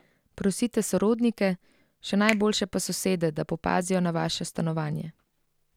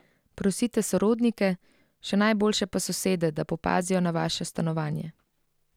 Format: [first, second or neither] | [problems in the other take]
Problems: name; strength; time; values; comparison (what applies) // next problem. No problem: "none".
second | background sound (Finger snapping); 14 dB below the speech